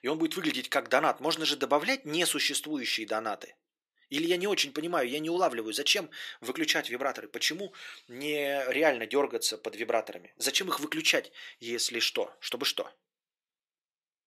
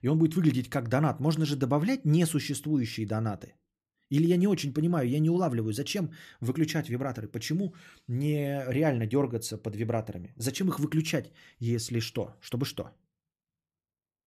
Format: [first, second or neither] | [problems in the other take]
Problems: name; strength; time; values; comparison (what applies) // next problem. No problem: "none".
second | thin; very; fading below 400 Hz